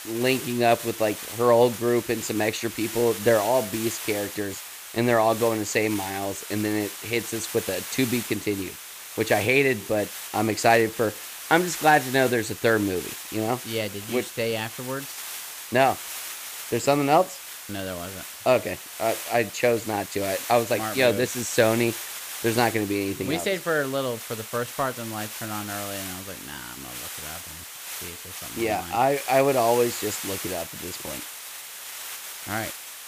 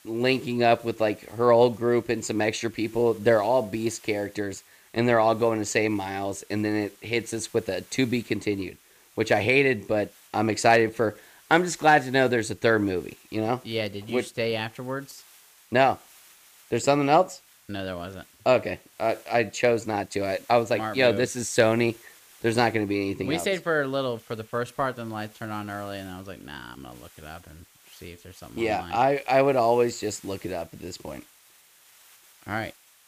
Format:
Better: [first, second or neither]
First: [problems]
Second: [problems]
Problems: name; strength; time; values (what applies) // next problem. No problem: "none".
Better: second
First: hiss; loud; throughout; 9 dB below the speech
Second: hiss; faint; throughout; 25 dB below the speech